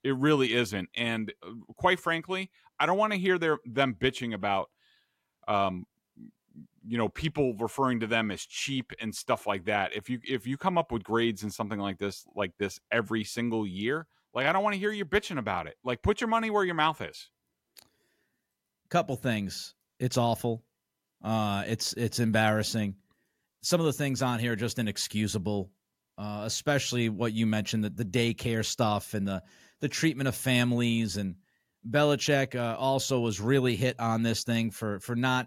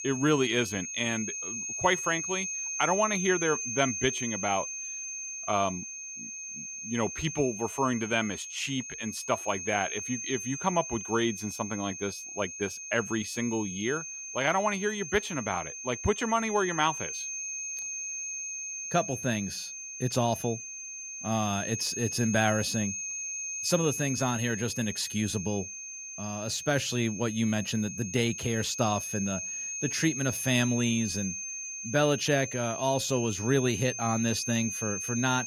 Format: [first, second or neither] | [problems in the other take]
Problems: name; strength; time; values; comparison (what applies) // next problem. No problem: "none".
first | high-pitched whine; loud; throughout; 6.5 kHz, 5 dB below the speech